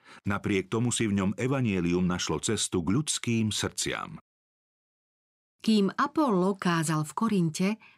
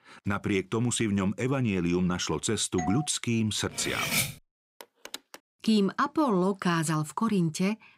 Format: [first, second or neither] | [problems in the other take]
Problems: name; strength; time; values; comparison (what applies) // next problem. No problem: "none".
first | doorbell; noticeable; at 3 s; peak 10 dB below the speech // clattering dishes; loud; at 4 s; peak 1 dB above the speech // phone ringing; faint; at 5 s; peak 15 dB below the speech